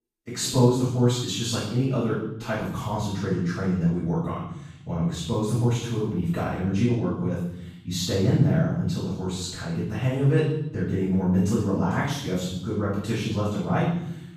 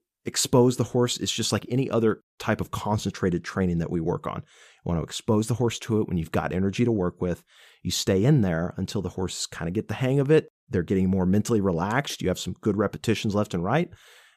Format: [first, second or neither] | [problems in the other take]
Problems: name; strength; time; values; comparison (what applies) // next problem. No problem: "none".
second | off-mic speech; far // room echo; strong; dies away in 0.8 s